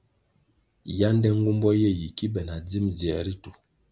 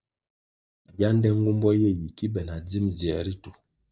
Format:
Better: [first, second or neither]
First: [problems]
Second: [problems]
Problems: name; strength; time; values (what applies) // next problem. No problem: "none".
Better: first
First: none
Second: noise reduction (neural mask model DeepFilterNet 3)